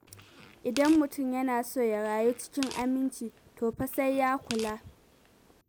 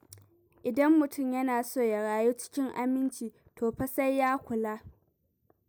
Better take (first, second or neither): second